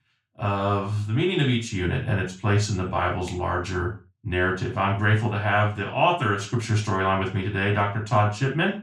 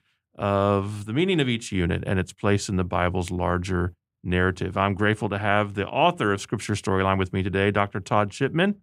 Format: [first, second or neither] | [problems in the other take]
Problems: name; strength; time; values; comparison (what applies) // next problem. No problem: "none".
second | room echo; slight; dies away in 0.3 s // off-mic speech; far